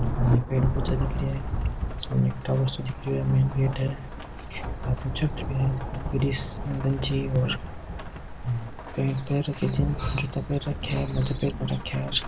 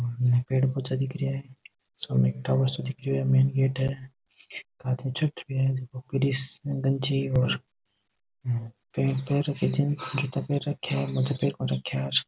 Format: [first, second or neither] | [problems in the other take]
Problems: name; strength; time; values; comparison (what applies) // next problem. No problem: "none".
second | background sound (Rain / Thunderstorm); 4 dB below the speech